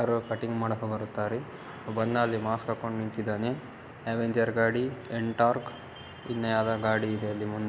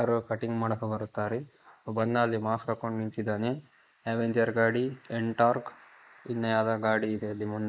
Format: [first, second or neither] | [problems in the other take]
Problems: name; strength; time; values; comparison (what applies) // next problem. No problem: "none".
first | noise reduction (neural mask model Resemble Enhance denoiser)